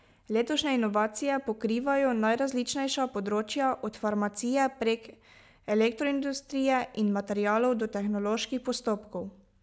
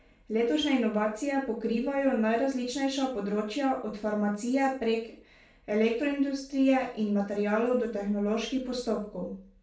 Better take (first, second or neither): first